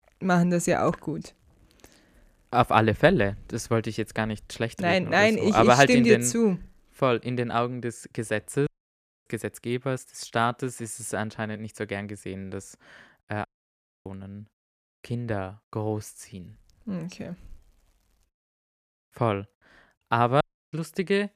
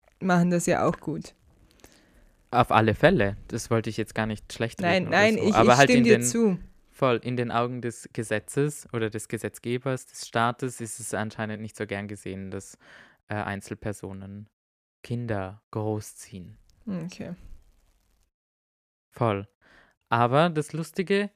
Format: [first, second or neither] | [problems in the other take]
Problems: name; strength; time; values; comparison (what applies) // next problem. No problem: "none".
second | audio cutting out; at 8.5 s for 0.5 s, at 13 s for 0.5 s and at 20 s